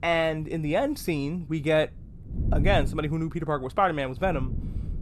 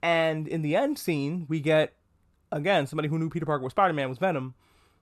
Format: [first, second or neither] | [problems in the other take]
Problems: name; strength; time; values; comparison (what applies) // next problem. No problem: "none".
second | wind noise on the microphone; occasional gusts; 15 dB below the speech